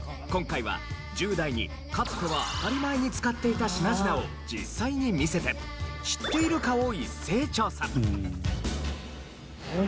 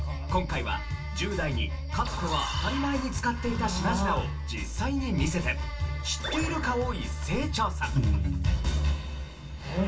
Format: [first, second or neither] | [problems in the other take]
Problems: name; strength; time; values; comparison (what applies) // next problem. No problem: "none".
first | room echo; dies away in 0.2 s